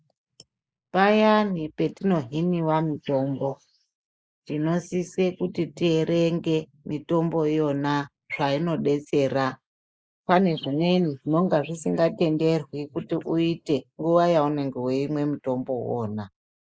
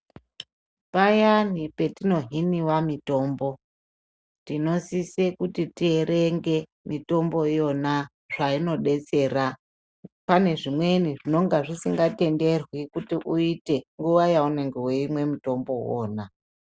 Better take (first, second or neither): second